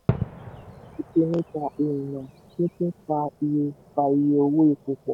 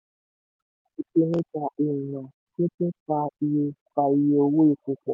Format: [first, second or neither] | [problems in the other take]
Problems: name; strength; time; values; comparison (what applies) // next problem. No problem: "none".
second | background sound (Fireworks); 11 dB below the speech